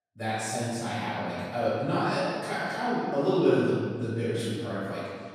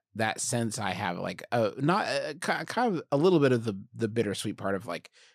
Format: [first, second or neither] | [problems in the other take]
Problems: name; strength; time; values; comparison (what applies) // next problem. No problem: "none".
second | off-mic speech; far // room echo; strong; dies away in 1.7 s